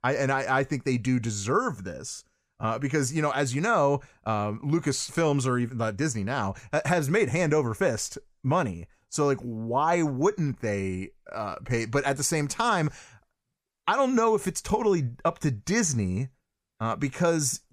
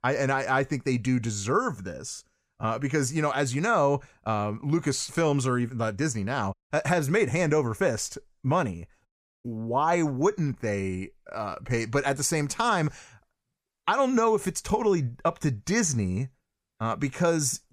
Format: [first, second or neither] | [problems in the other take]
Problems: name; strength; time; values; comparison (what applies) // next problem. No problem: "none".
first | audio cutting out; at 6.5 s and at 9 s